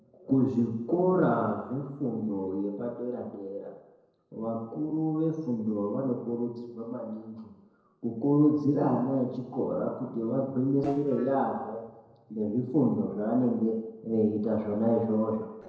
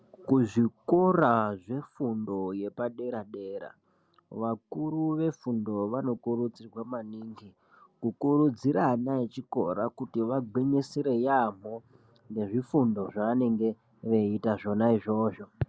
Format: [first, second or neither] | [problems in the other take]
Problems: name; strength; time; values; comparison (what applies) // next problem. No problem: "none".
second | noise reduction (neural separator model SepFormer DNS4)